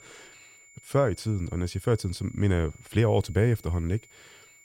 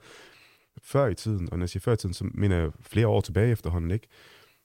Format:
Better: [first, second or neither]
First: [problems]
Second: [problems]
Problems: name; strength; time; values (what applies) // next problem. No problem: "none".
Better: second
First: high-pitched whine; faint; throughout; 2 kHz, 25 dB below the speech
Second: none